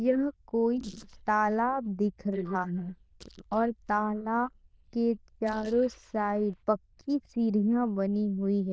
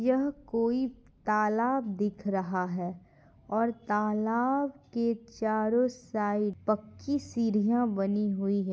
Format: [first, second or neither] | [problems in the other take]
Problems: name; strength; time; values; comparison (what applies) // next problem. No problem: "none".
second | noise reduction (neural diffusion model UNIVERSE++)